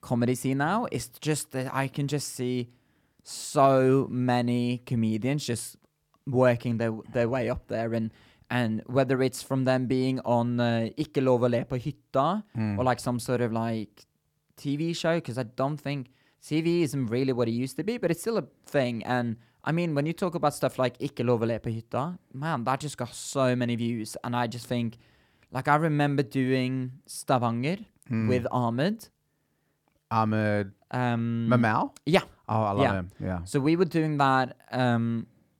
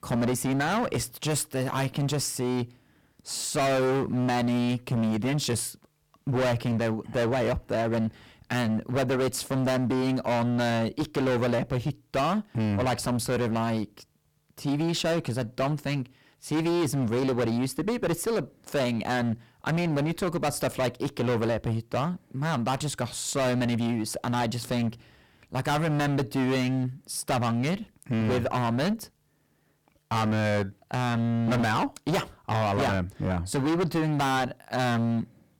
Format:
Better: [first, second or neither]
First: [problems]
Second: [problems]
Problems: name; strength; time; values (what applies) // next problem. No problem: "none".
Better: first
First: none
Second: distortion; heavy; 23% of the sound clipped